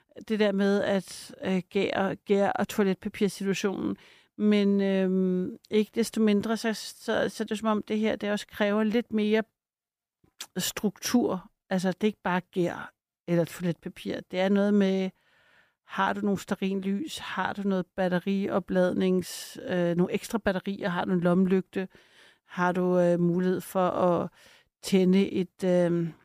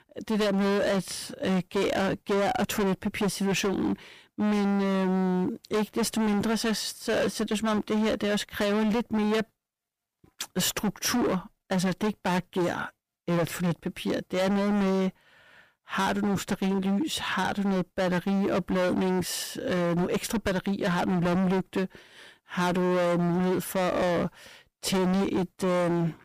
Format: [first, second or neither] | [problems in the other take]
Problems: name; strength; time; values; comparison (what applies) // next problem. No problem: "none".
first | distortion; heavy; 25% of the sound clipped